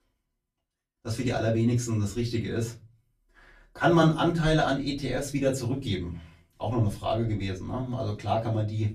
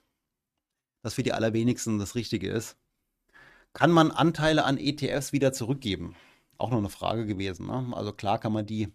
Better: second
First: off-mic speech; far // room echo; very slight; dies away in 0.3 s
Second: none

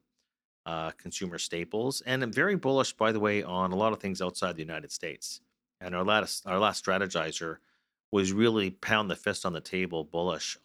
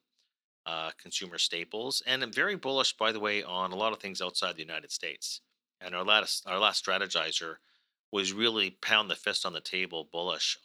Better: first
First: none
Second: thin; somewhat; fading below 600 Hz

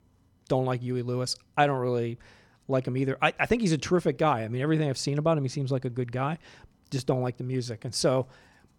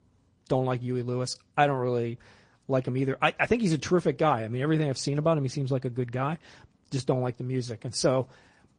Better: first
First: none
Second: garbled, watery; slightly; nothing above 9.5 kHz

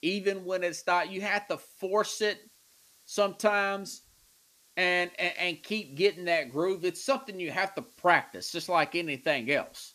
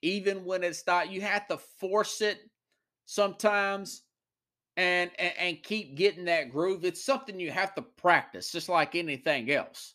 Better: second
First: hiss; faint; throughout; 30 dB below the speech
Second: none

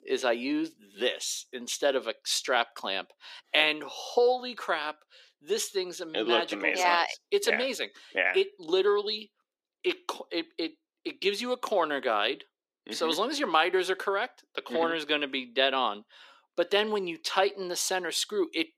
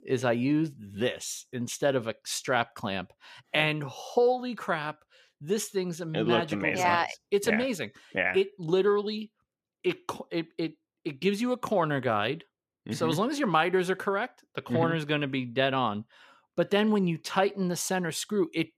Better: second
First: thin; somewhat; fading below 300 Hz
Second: none

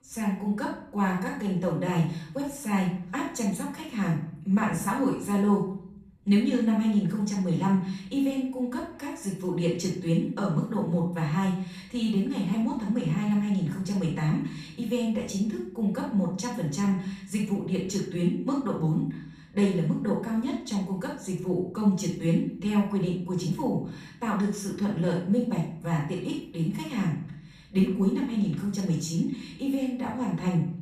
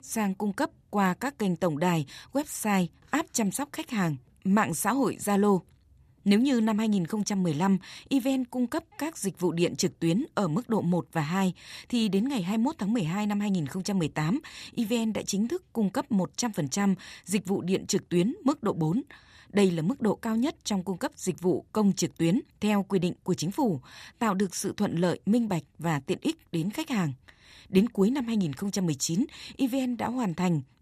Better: second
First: off-mic speech; far // room echo; noticeable; dies away in 0.5 s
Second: none

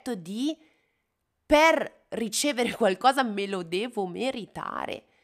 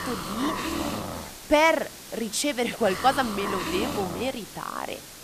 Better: first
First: none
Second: hiss; loud; throughout; 7 dB below the speech

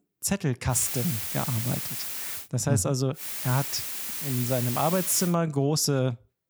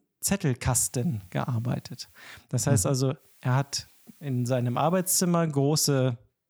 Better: second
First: hiss; loud; from 1 to 2.5 s and from 3 to 5.5 s; 4 dB below the speech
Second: hiss; faint; from 1 to 2.5 s and from 3 to 5.5 s; 30 dB below the speech

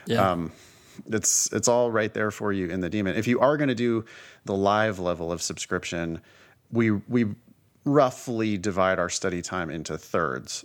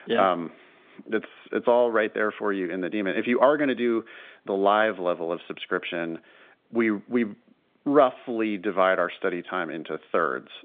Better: first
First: none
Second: phone-call audio

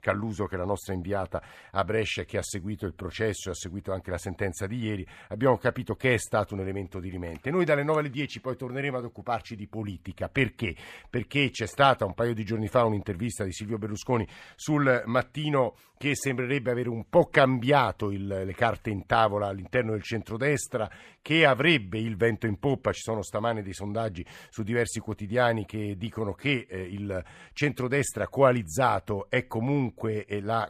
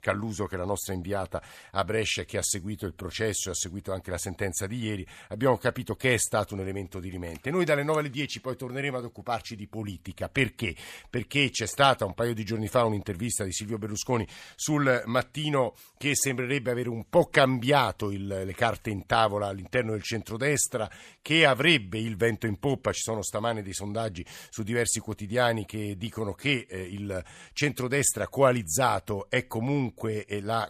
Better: second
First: muffled; slightly; fading above 3.5 kHz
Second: none

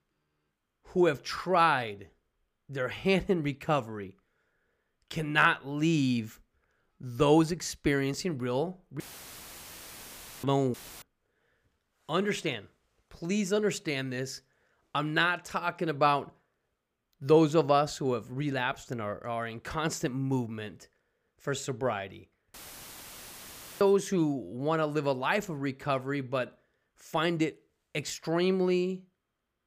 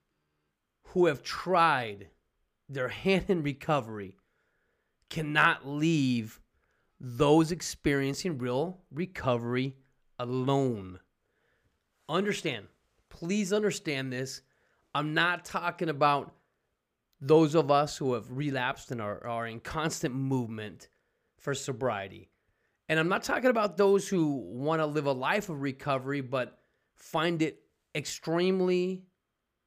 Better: second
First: audio cutting out; filled with static; at 9 s for 1.5 s, at 11 s and at 23 s for 1.5 s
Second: none

